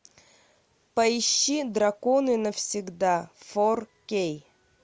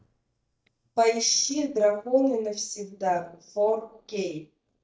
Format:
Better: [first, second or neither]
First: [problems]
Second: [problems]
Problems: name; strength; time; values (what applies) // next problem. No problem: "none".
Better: first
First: none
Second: noise reduction (neural mask model DeepFilterNet 3)